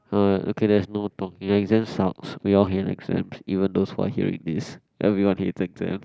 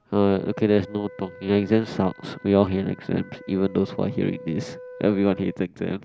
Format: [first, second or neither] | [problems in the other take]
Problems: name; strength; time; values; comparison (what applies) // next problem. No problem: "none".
first | background sound (Wind instrument, woodwind instrument); 19 dB below the speech